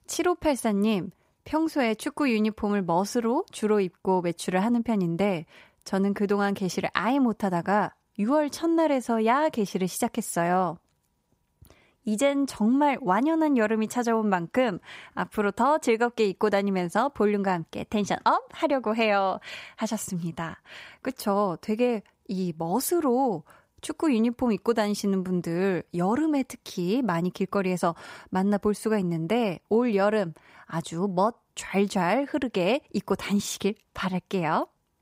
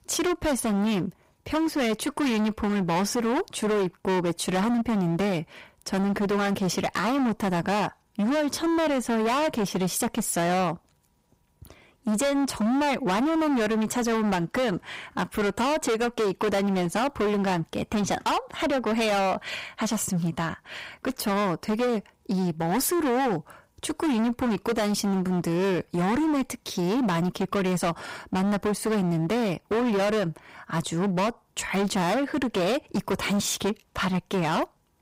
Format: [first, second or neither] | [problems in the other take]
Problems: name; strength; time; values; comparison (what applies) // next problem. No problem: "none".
first | distortion; heavy; 27% of the sound clipped